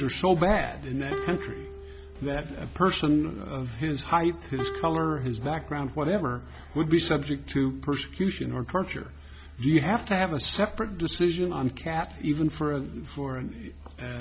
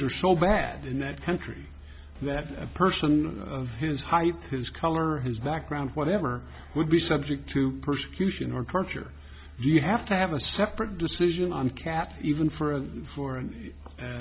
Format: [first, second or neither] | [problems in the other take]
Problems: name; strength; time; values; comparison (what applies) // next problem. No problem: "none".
second | background sound (Plucked string instrument); 13 dB below the speech